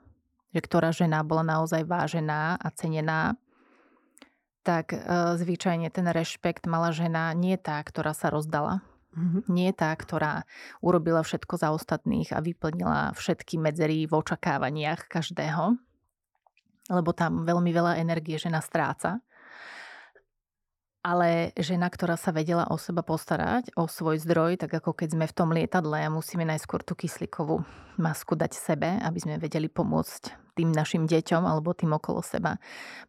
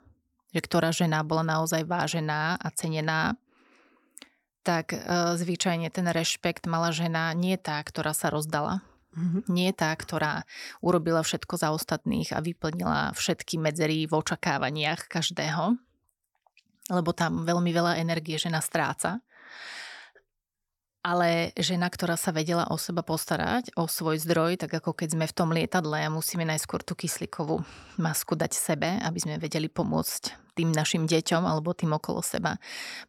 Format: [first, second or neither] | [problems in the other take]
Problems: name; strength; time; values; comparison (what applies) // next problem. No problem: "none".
second | muffled; slightly; fading above 2.5 kHz